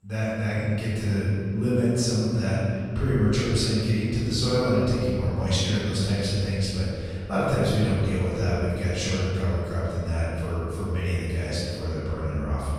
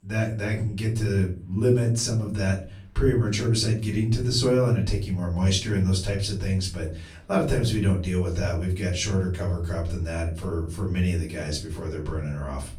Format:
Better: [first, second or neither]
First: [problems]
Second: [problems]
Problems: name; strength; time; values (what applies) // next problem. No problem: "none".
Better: second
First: room echo; strong; dies away in 3 s // off-mic speech; far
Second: room echo; slight; dies away in 0.4 s // off-mic speech; far